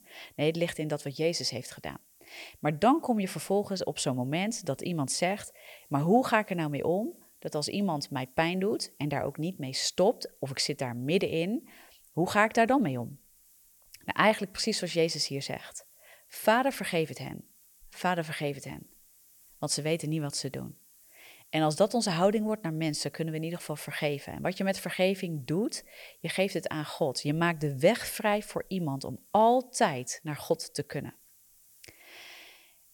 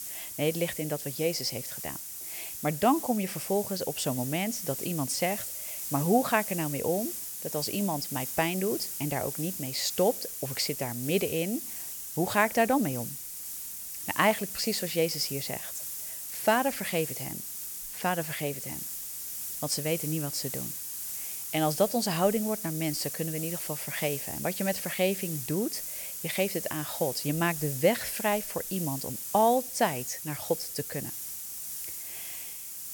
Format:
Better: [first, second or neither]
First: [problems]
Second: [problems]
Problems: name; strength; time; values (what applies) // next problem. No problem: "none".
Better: first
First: hiss; faint; throughout; 25 dB below the speech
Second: hiss; loud; throughout; 5 dB below the speech